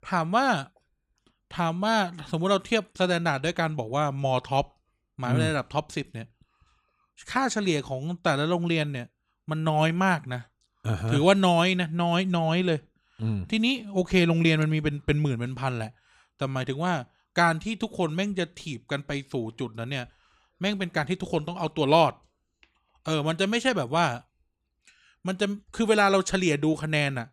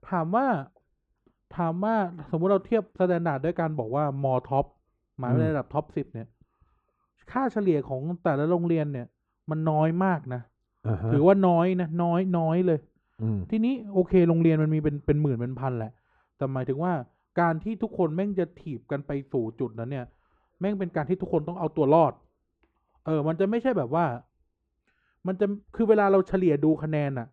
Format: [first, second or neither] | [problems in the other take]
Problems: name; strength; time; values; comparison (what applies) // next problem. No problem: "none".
first | muffled; very; fading above 2.5 kHz